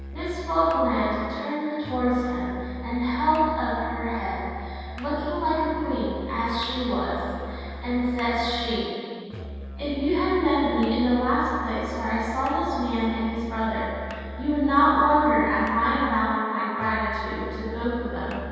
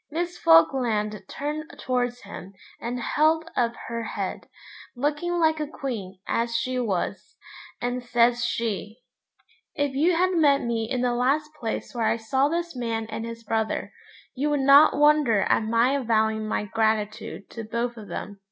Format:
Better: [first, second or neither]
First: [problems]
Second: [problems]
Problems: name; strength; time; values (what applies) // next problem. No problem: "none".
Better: second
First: background sound (Musical instrument); 11 dB below the speech // room echo; dies away in 2.1 s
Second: none